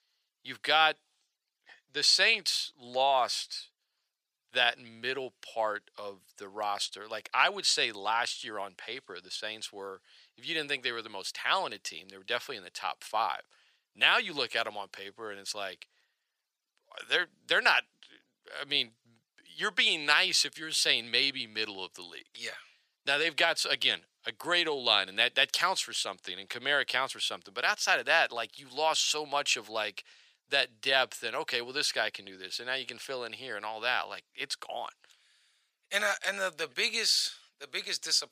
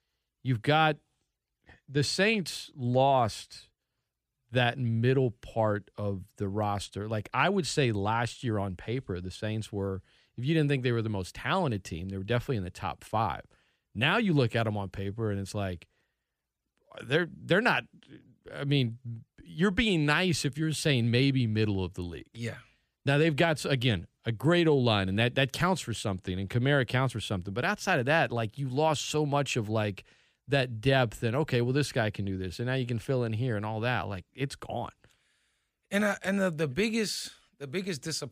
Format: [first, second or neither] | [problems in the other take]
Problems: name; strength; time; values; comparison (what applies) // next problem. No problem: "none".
second | thin; very; fading below 750 Hz